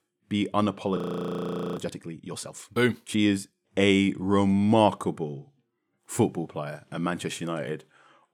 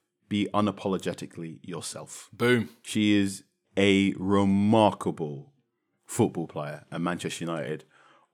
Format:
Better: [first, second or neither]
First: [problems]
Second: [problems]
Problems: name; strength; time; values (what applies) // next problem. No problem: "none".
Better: second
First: audio freezing; at 1 s for 1 s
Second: none